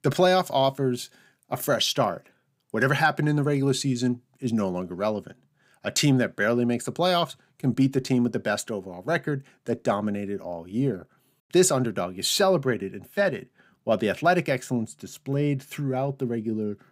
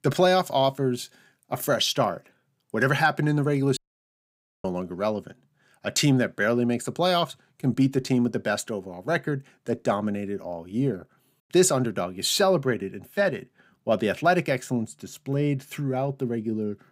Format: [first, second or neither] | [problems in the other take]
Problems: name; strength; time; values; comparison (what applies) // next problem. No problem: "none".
first | audio cutting out; at 4 s for 1 s